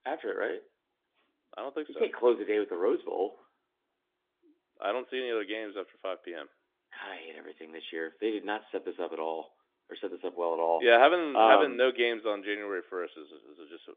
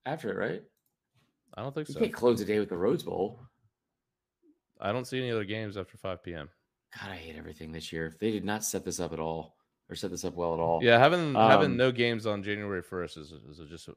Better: second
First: phone-call audio; nothing above 3.5 kHz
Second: none

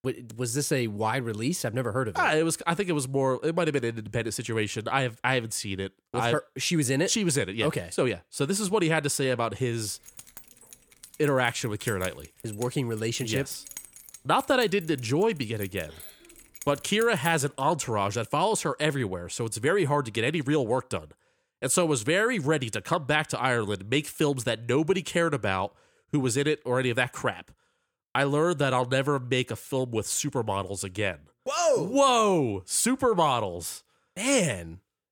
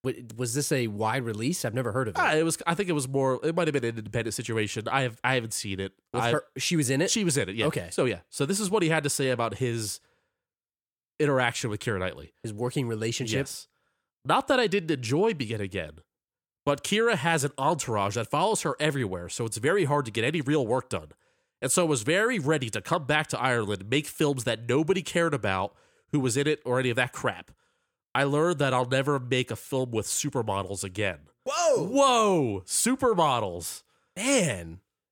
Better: second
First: jangling keys; faint; from 10 to 18 s; peak 15 dB below the speech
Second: none

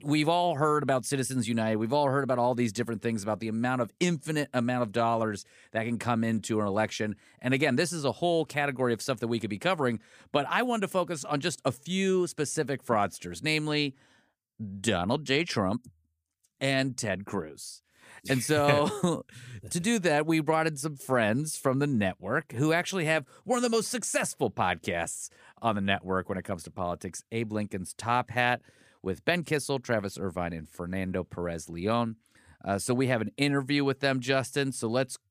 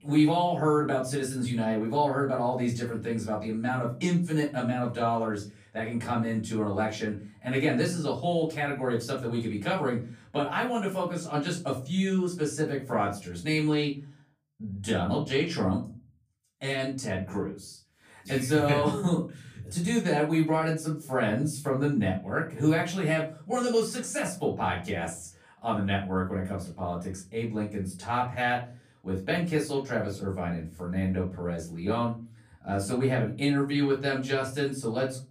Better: first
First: none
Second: off-mic speech; far // room echo; slight; dies away in 0.4 s

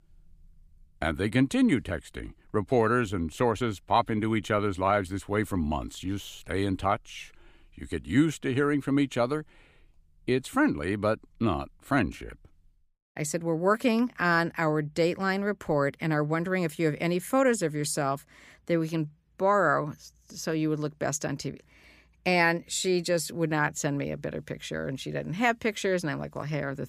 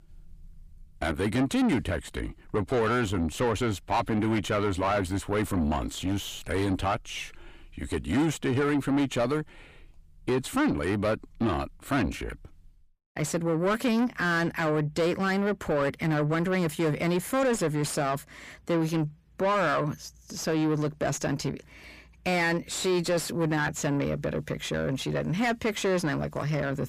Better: first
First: none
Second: distortion; heavy; 7 dB below the speech

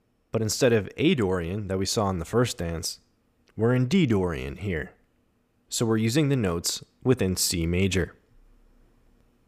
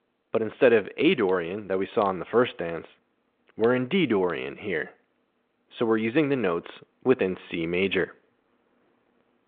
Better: first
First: none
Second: phone-call audio

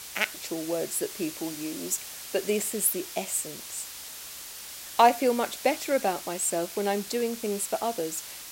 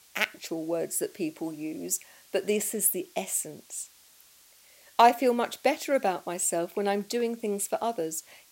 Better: second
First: hiss; loud; throughout; 10 dB below the speech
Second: hiss; faint; throughout; 25 dB below the speech

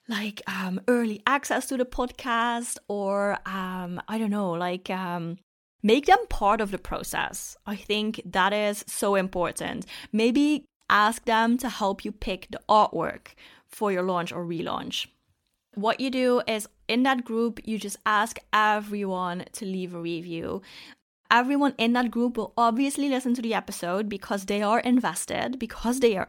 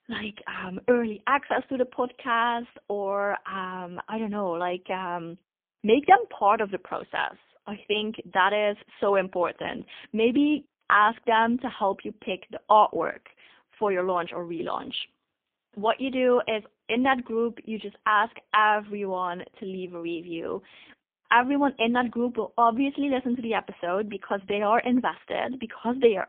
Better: first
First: none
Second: phone-call audio; poor line; nothing above 3.5 kHz

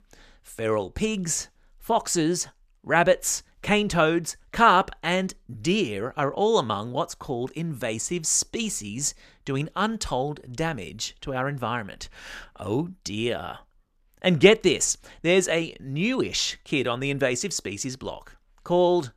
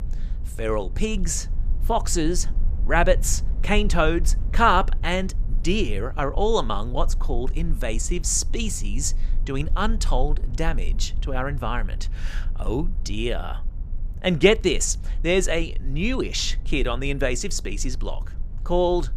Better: first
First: none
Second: low rumble; faint; throughout; 25 dB below the speech

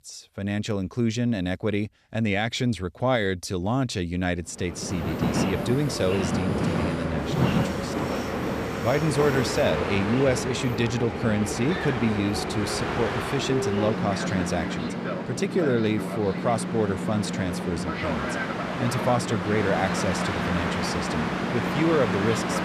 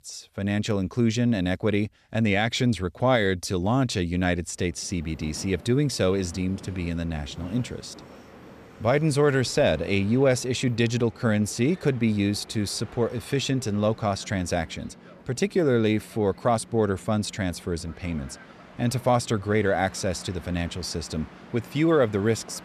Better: second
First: train or aircraft noise; loud; from 5 s on; 1 dB below the speech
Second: train or aircraft noise; faint; from 5 s on; 20 dB below the speech

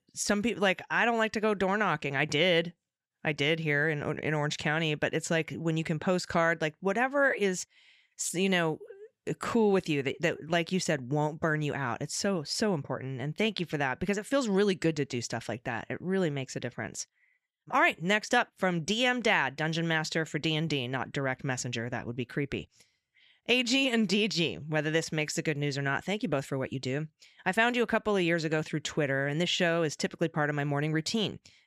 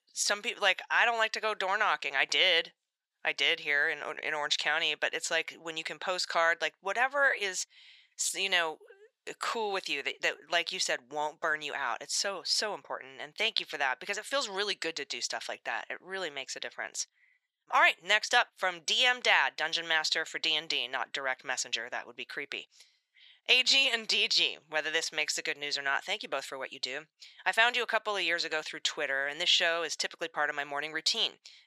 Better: first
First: none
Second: thin; very; fading below 800 Hz

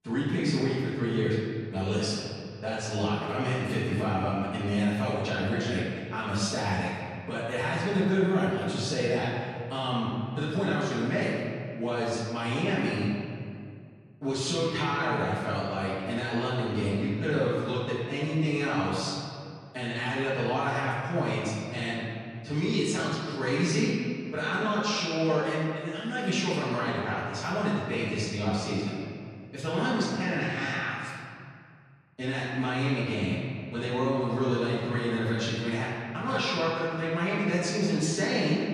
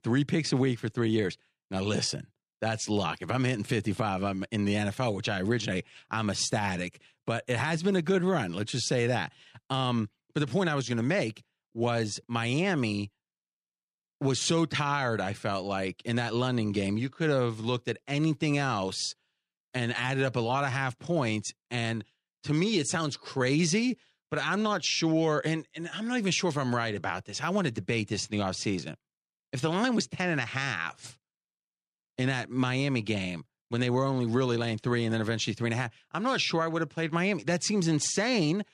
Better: second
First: off-mic speech; far // room echo; strong; dies away in 2 s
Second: none

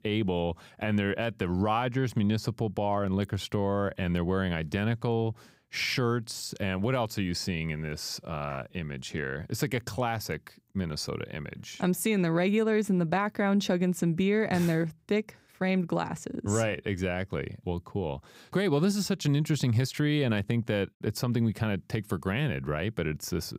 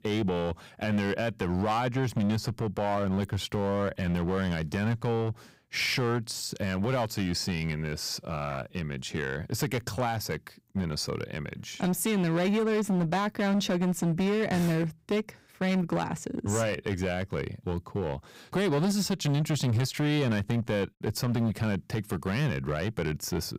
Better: first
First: none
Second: distortion; slight; 11% of the sound clipped

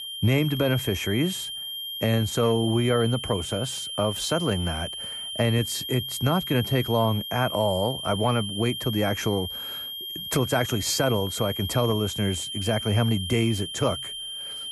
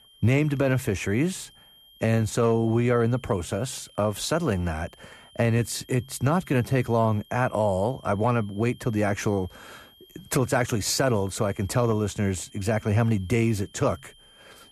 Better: second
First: high-pitched whine; loud; throughout; 3 kHz, 6 dB below the speech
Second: high-pitched whine; faint; throughout; 3 kHz, 25 dB below the speech

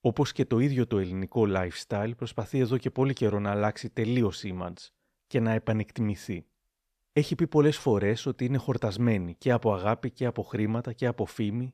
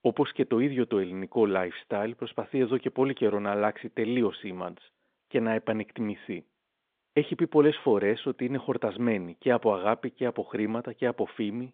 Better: first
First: none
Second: phone-call audio

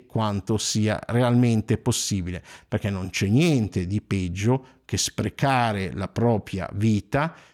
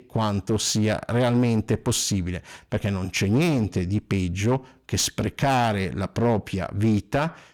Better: first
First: none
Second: distortion; slight; 9% of the sound clipped

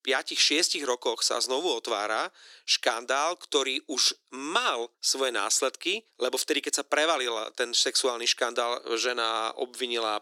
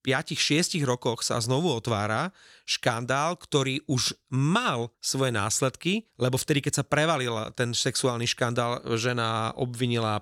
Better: second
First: thin; very; fading below 300 Hz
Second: none

